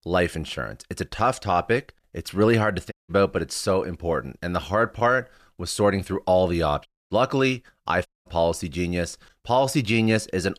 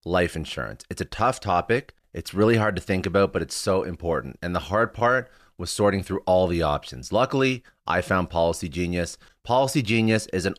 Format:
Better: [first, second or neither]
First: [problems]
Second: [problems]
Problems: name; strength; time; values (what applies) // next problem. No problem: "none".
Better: second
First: audio cutting out; at 3 s, at 7 s and at 8 s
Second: none